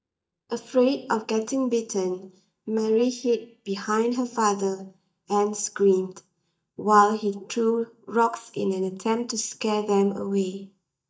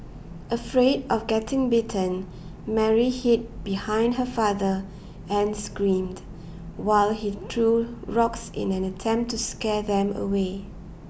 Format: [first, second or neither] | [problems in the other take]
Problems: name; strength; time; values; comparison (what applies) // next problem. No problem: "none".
second | noise reduction (neural mask model DeepFilterNet 3)